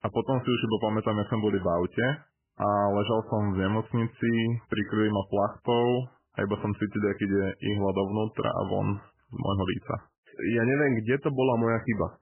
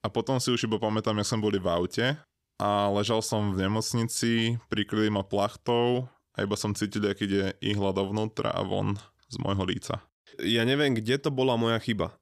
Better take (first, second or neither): second